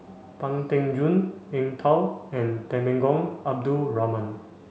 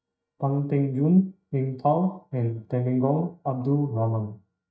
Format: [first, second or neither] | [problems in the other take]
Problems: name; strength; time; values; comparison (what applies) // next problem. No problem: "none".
first | noise reduction (neural mask model DeepFilterNet 3)